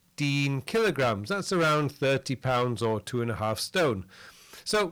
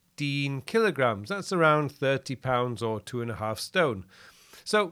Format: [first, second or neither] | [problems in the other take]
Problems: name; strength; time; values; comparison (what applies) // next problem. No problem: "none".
second | distortion; heavy; 10% of the sound clipped